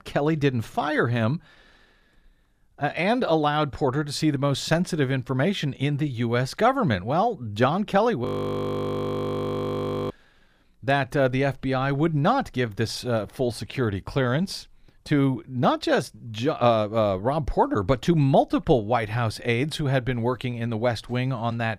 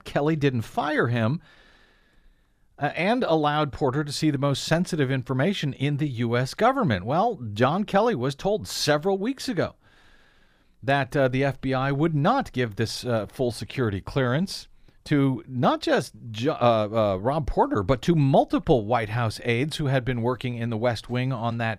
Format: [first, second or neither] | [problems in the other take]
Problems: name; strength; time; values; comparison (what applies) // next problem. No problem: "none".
second | audio freezing; at 8.5 s for 2 s